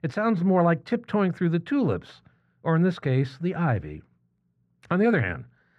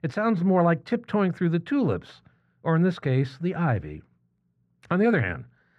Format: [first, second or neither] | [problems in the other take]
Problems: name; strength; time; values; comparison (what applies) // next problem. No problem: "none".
neither | muffled; very; fading above 3.5 kHz; the same in both